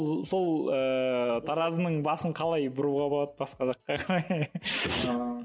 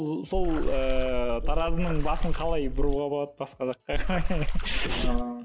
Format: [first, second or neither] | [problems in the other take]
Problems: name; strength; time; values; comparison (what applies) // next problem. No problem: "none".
first | background sound (Water / Splash, splatter); 5 dB above the speech